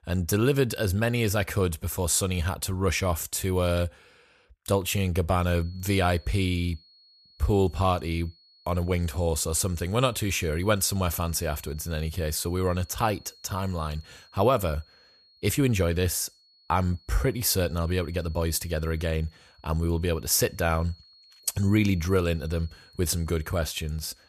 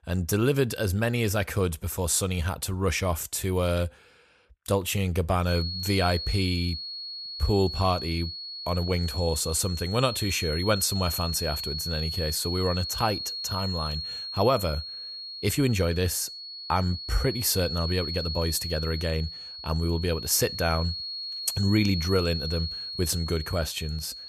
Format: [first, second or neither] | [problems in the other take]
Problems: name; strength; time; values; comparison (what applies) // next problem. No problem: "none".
first | high-pitched whine; loud; from 5.5 s on; 4.5 kHz, 6 dB below the speech; faint in the first